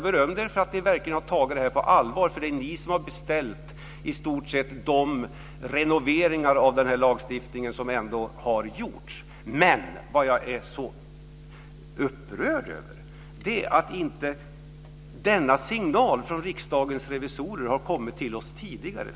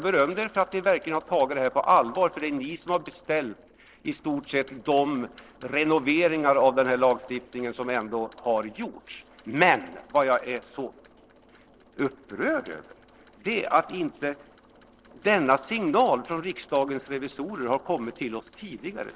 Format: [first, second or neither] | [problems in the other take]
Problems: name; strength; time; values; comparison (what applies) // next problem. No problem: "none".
first | noise reduction (neural separator model SepFormer DNS4)